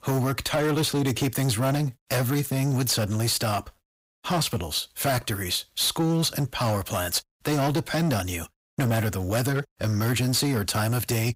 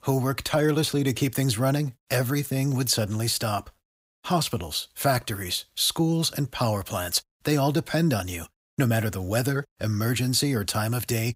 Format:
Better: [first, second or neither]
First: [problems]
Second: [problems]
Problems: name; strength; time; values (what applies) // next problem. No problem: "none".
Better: second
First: distortion; slight; 15% of the sound clipped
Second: none